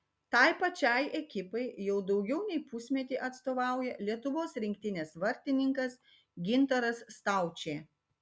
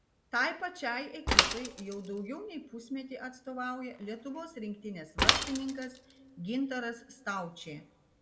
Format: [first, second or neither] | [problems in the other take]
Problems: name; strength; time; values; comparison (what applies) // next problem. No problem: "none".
first | background sound (Mechanisms / Bicycle); 2 dB above the speech // room echo; dies away in 0.5 s